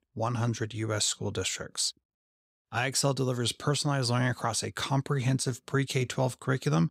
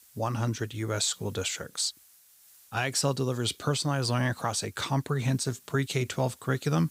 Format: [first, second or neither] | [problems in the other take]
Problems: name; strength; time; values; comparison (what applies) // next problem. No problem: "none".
first | hiss; faint; throughout; 25 dB below the speech